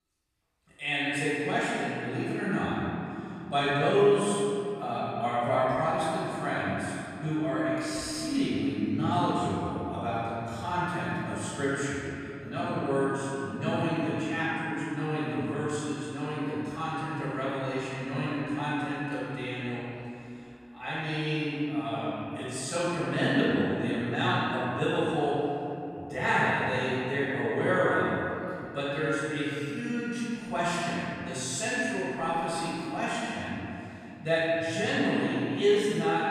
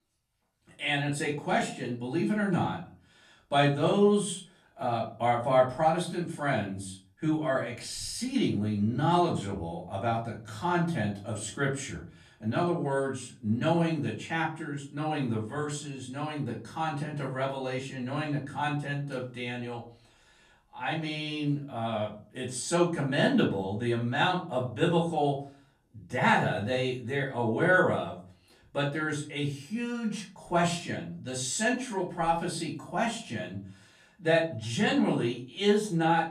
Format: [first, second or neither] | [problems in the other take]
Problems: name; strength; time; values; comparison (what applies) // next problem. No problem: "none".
second | room echo; strong; dies away in 2.9 s; slight in the second // off-mic speech; far; far in the second